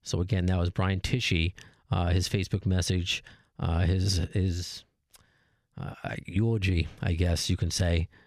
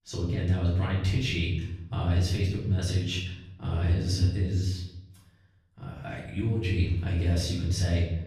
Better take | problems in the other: first | off-mic speech; far // room echo; noticeable; dies away in 0.8 s

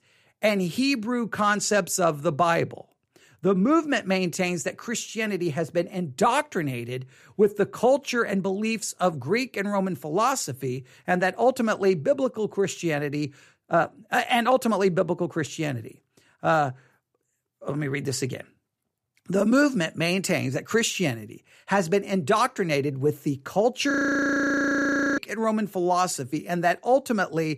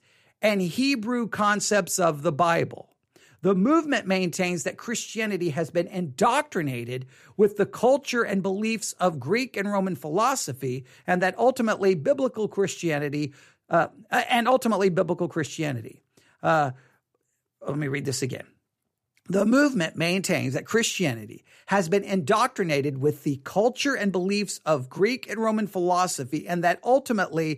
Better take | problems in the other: second | audio freezing; at 24 s for 1.5 s

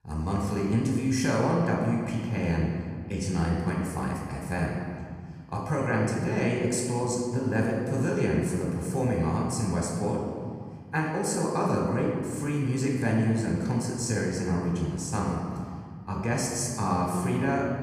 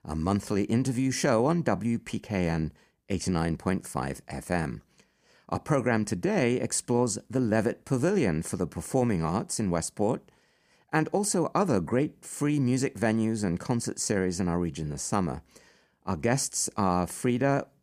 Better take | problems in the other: second | off-mic speech; somewhat distant // room echo; noticeable; dies away in 1.9 s

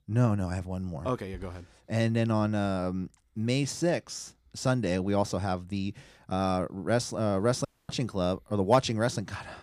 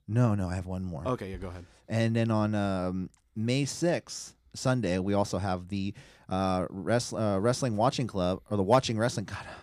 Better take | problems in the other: second | audio cutting out; at 7.5 s

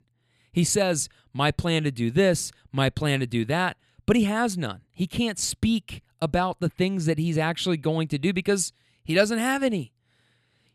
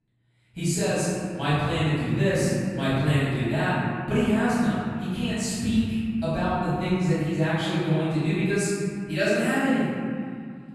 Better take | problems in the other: first | off-mic speech; far // room echo; strong; dies away in 2.3 s

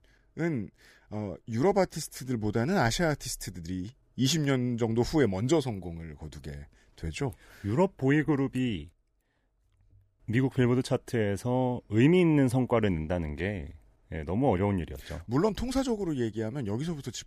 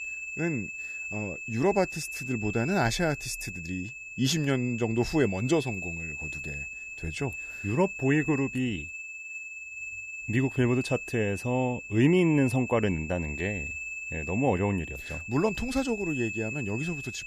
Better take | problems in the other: first | high-pitched whine; loud; throughout; 2.5 kHz, 7 dB below the speech

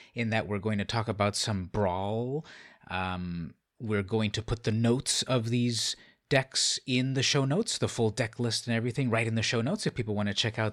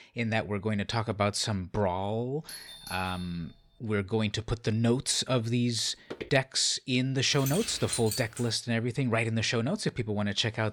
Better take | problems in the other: first | doorbell; faint; from 2.5 to 3.5 s; peak 15 dB below the speech // footsteps; faint; at 6 s; peak 15 dB below the speech // jangling keys; noticeable; from 7.5 to 8.5 s; peak 4 dB below the speech

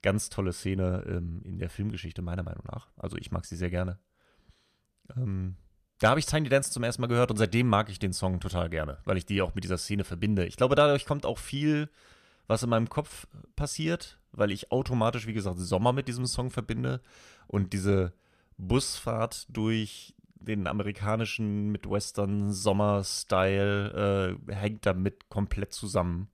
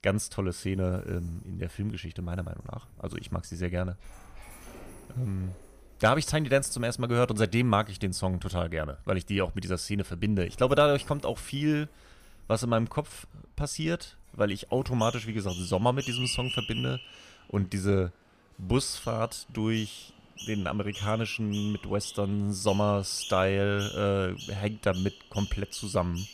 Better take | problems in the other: first | animal sounds; noticeable; throughout; 10 dB below the speech

